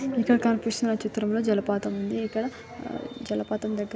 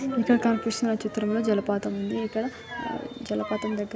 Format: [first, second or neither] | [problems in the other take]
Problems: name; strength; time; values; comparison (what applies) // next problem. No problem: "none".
first | background sound (Bowed string instrument); 15 dB below the speech